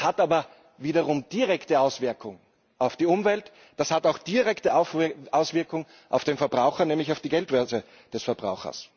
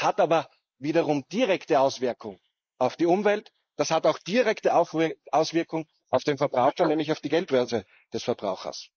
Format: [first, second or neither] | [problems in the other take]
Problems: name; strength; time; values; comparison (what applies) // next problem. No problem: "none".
first | noise reduction (neural mask model Resemble Enhance denoiser)